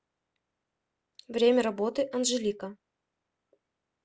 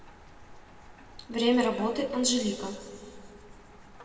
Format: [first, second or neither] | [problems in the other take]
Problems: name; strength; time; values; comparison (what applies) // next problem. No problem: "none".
first | background sound (Rain); 18 dB below the speech // room echo; dies away in 1.8 s